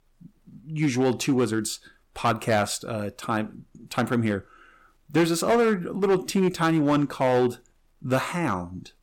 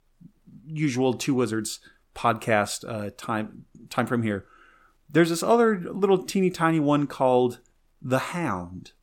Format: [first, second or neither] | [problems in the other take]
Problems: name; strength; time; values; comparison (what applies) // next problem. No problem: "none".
second | distortion; slight; 5% of the sound clipped